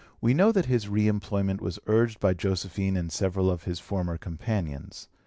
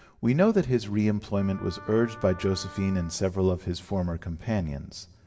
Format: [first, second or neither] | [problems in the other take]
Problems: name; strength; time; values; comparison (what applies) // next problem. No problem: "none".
first | background sound (Wind instrument, woodwind instrument); 19 dB below the speech // room echo; dies away in 1 s